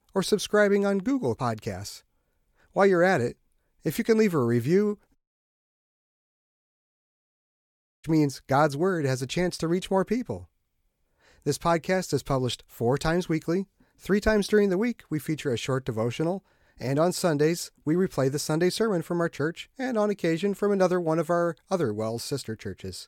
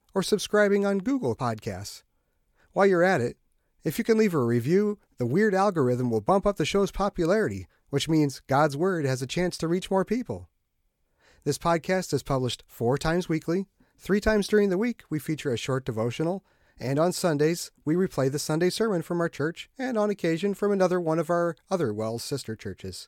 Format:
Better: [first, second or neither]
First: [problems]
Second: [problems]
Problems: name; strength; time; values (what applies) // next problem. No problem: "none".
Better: second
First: audio cutting out; at 5 s for 3 s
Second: none